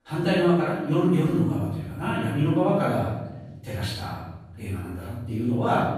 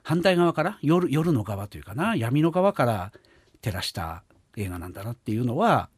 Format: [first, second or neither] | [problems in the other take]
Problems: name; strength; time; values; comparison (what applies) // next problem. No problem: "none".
second | room echo; strong; dies away in 1.1 s // off-mic speech; far